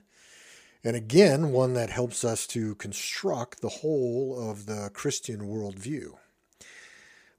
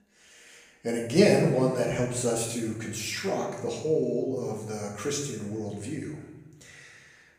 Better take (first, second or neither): first